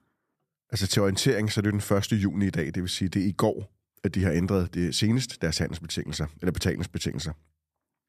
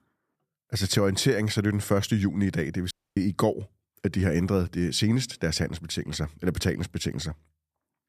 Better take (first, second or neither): first